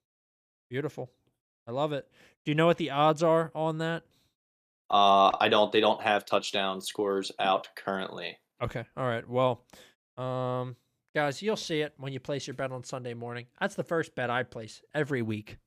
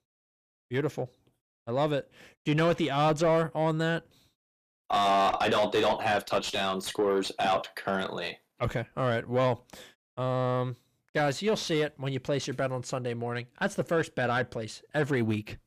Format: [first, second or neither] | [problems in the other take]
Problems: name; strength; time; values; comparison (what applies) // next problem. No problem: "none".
first | distortion; heavy; 7 dB below the speech